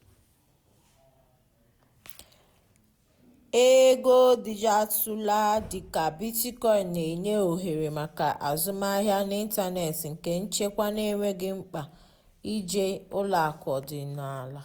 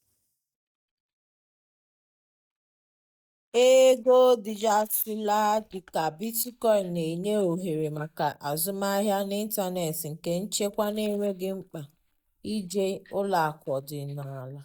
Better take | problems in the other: first | noise reduction (neural mask model DeepFilterNet 3)

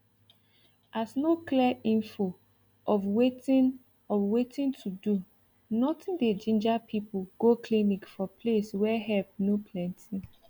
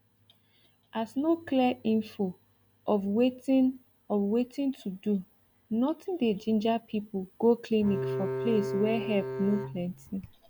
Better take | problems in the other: first | background sound (Bowed string instrument); 5 dB below the speech

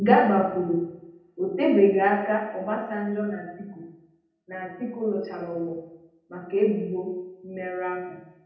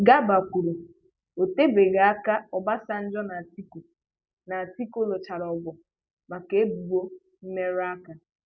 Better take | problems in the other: second | room echo; dies away in 0.8 s

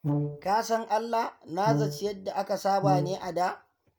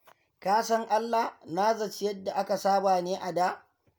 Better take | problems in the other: second | background sound (Brass instrument); 2 dB below the speech

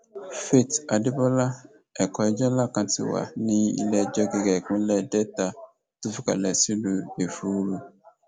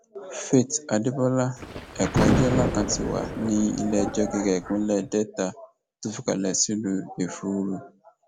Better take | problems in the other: first | background sound (Thunder); 2 dB below the speech

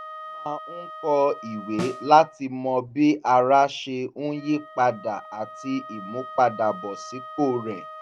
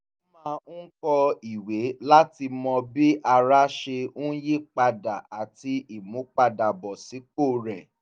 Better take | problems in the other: second | background sound (Snare drum + Wind instrument, woodwind instrument); 15 dB below the speech

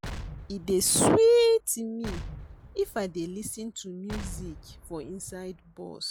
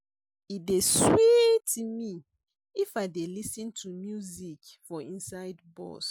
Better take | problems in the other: second | background sound (Explosion); 15 dB below the speech

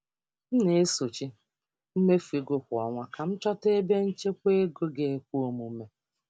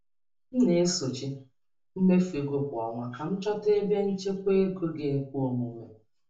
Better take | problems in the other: first | room echo; dies away in 0.3 s

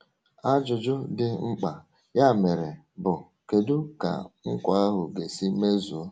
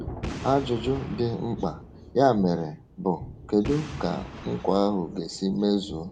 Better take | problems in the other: first | background sound (Boom + Thunder / Rain); 12 dB below the speech

